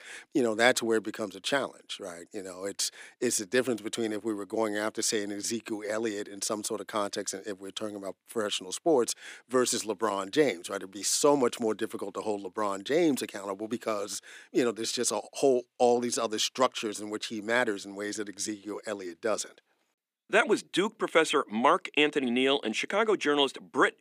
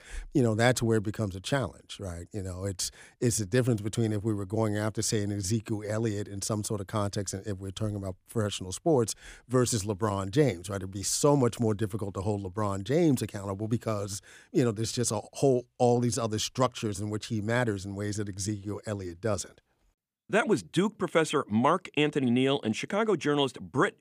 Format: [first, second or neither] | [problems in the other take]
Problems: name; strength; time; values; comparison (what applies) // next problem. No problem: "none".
second | thin; somewhat; fading below 250 Hz